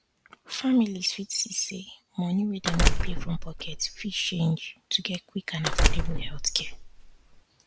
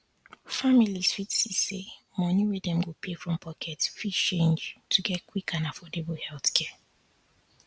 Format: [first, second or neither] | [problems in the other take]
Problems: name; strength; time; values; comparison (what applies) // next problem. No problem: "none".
second | background sound (Door); 5 dB above the speech